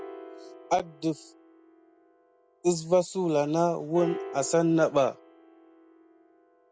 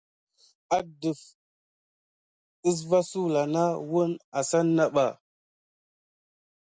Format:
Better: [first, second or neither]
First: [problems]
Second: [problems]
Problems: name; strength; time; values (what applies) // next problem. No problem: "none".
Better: second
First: background sound (Piano); 15 dB below the speech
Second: none